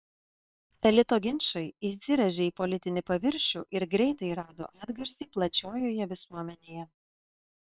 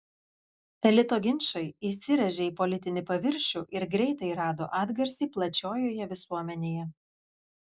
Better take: second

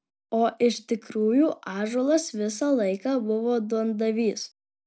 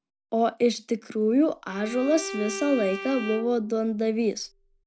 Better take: first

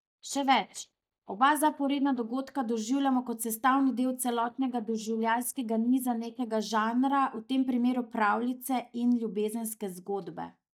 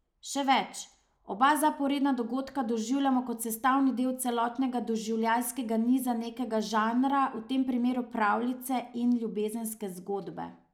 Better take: second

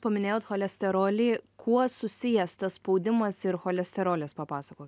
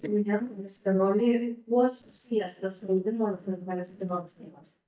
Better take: first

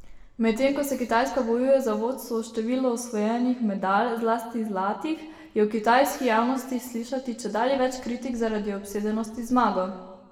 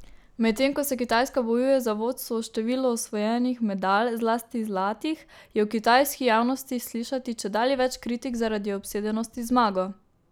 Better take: second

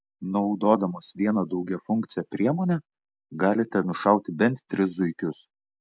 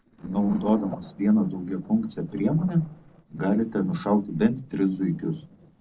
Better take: first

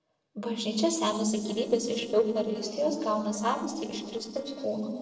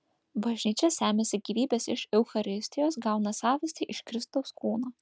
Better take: second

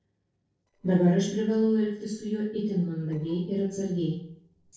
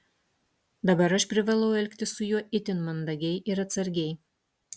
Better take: second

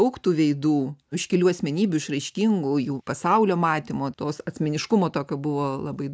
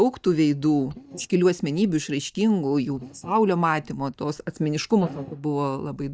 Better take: first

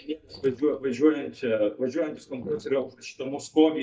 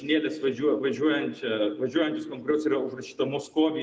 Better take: second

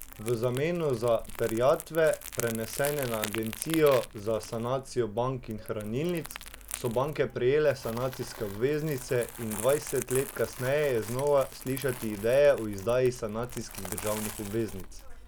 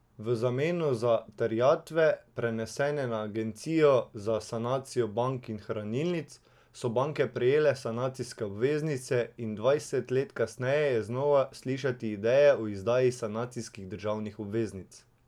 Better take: second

